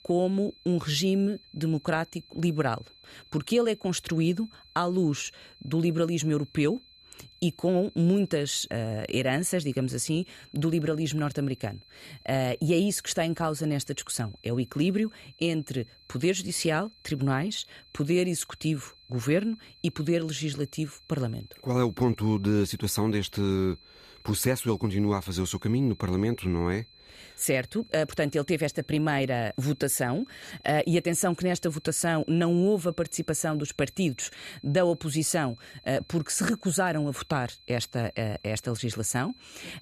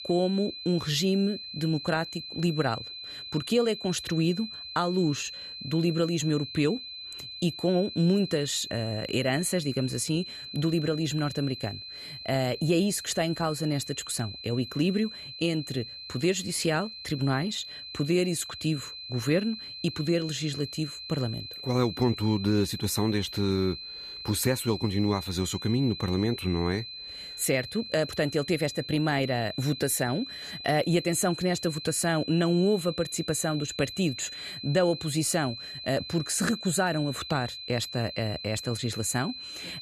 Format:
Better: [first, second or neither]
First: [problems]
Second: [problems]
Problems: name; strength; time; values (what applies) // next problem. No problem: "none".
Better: first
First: high-pitched whine; faint; throughout; 4 kHz, 25 dB below the speech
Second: high-pitched whine; loud; throughout; 4 kHz, 10 dB below the speech